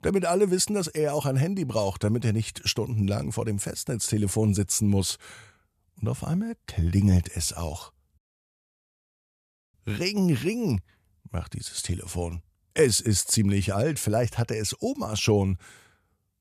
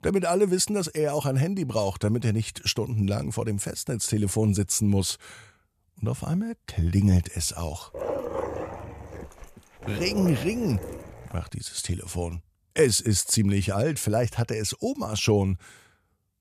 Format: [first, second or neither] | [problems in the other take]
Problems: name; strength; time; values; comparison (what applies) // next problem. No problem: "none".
first | dog barking; noticeable; from 8 to 11 s; peak 4 dB below the speech